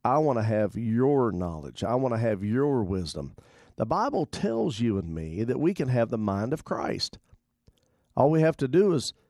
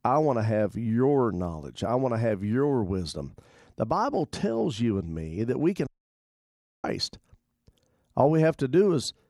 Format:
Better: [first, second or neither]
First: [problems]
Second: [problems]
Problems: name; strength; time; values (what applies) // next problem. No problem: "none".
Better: first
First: none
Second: audio cutting out; at 6 s for 1 s